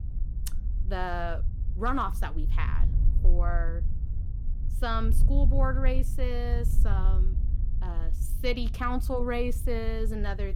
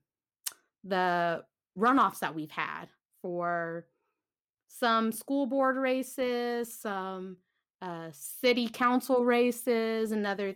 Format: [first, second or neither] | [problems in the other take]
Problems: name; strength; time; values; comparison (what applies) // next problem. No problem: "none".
second | wind noise on the microphone; occasional gusts; 15 dB below the speech